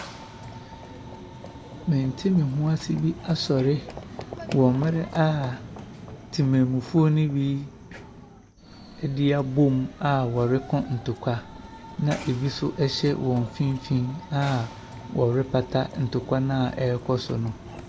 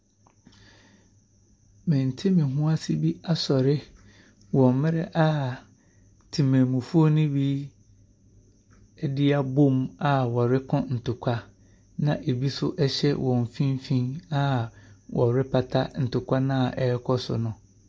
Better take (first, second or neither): second